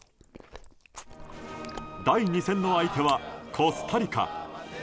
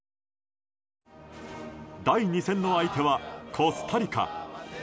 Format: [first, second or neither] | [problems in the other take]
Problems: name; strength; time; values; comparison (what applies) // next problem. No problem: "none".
second | background sound (Chewing, mastication + Wind instrument, woodwind instrument); 17 dB below the speech